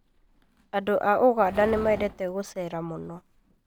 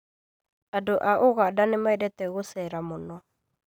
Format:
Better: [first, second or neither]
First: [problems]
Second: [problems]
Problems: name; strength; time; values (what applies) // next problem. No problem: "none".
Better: second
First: background sound (Livestock, farm animals, working animals); 17 dB below the speech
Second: none